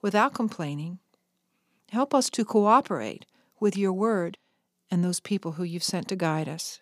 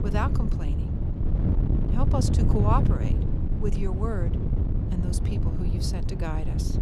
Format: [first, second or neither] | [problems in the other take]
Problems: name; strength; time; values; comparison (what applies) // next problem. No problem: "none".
first | wind noise on the microphone; heavy; 4 dB below the speech